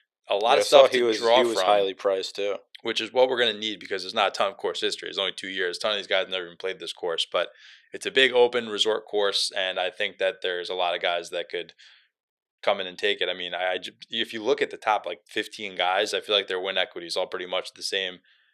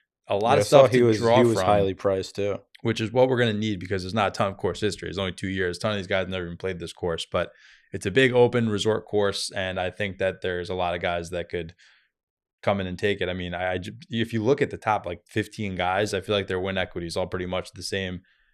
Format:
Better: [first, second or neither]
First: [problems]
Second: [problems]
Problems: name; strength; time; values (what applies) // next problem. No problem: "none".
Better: second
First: thin; somewhat; fading below 500 Hz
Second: none